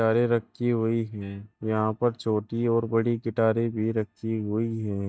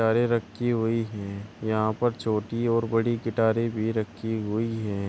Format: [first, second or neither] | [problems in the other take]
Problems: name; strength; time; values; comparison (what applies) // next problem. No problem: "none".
second | noise reduction (neural mask model DeepFilterNet 3)